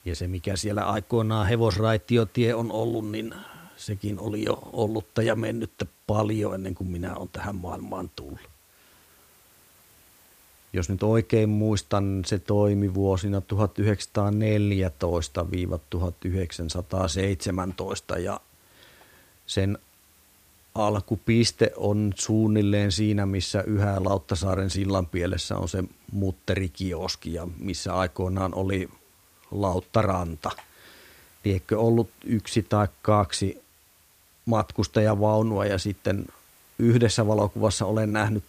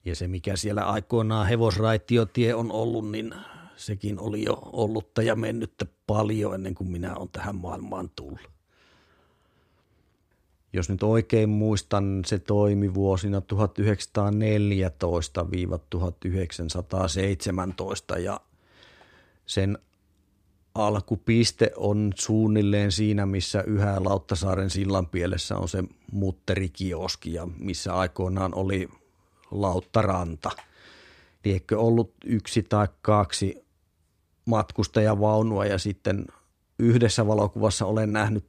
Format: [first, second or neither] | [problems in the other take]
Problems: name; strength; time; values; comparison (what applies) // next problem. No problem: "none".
second | hiss; faint; throughout; 30 dB below the speech